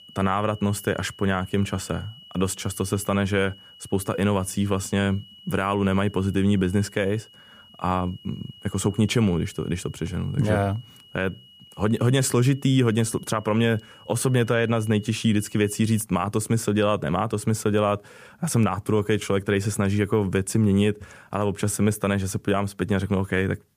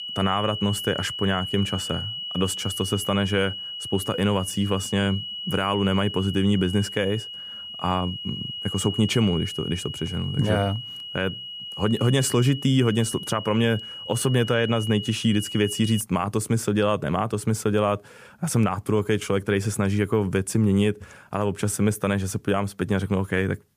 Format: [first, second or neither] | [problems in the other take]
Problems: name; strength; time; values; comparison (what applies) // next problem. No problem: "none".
first | high-pitched whine; loud; until 16 s; 3 kHz, 8 dB below the speech; faint in the first